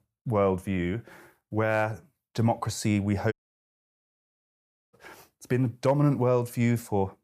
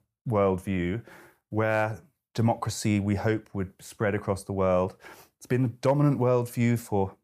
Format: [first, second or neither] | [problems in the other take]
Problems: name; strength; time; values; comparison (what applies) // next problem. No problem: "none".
second | audio cutting out; at 3.5 s for 1.5 s